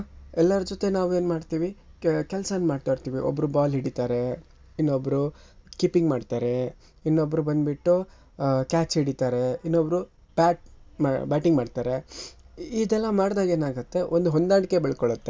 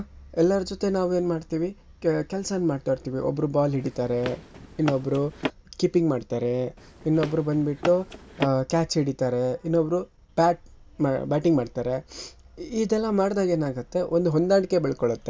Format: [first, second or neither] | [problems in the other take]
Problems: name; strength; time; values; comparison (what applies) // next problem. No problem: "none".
first | background sound (Run); 10 dB below the speech